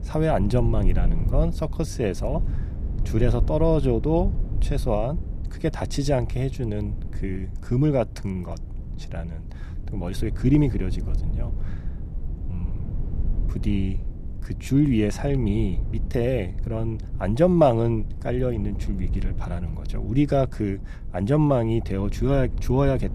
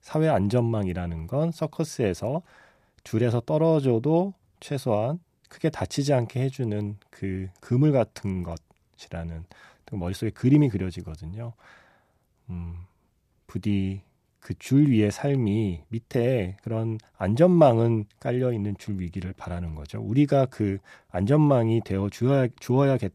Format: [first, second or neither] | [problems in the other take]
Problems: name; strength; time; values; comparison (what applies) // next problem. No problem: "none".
second | low rumble; noticeable; throughout; 20 dB below the speech